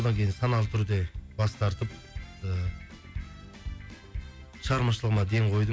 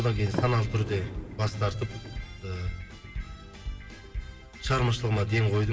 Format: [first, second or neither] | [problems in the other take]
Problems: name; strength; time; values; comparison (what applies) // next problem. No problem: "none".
first | background sound (Sliding door); 11 dB below the speech // room echo; dies away in 2.2 s